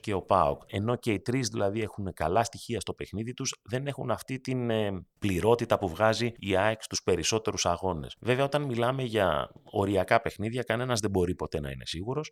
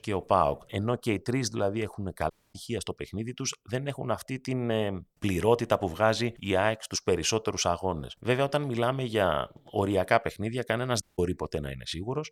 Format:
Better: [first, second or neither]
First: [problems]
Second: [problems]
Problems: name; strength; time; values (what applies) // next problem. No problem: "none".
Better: first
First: none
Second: audio cutting out; at 2.5 s and at 11 s